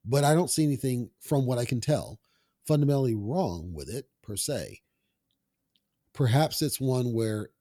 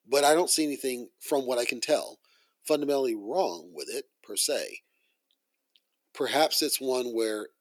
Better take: first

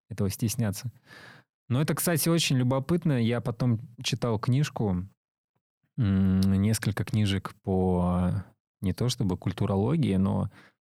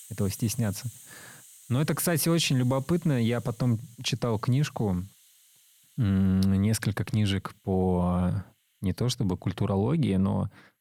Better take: first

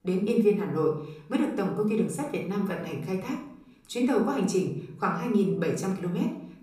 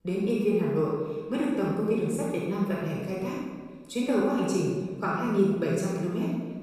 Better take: first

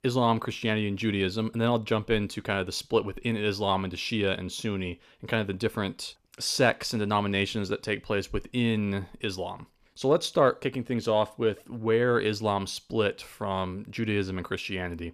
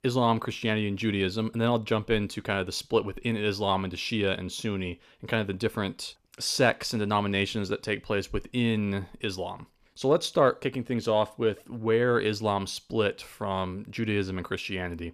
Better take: neither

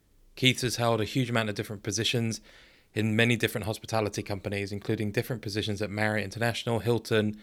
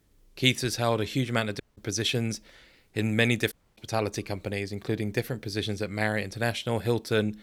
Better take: first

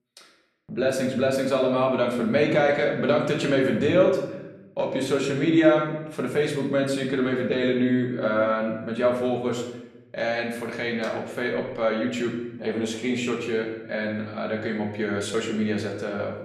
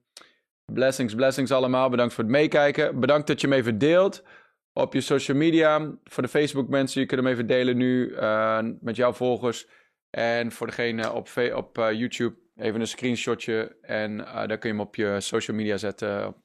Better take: second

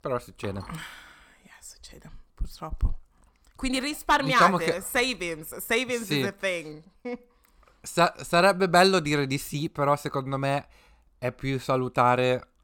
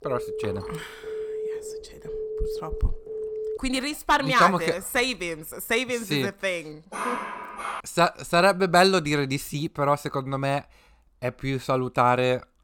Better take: first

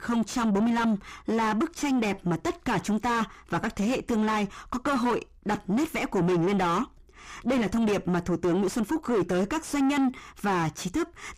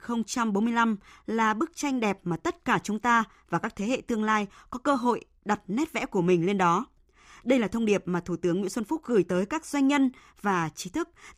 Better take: second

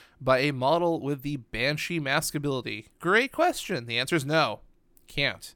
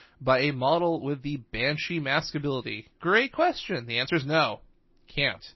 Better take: first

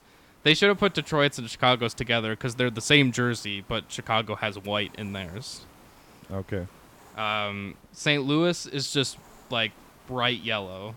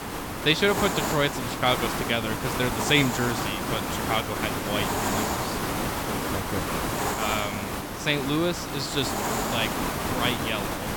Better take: first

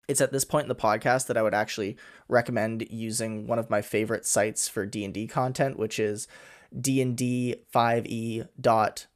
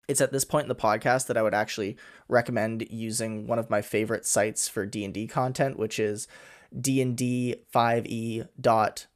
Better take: neither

